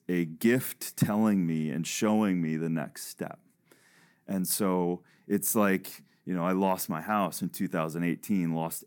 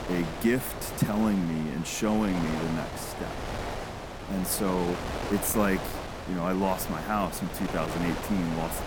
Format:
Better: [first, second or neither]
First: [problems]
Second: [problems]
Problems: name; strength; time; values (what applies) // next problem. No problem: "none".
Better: first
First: none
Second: wind noise on the microphone; heavy; 4 dB below the speech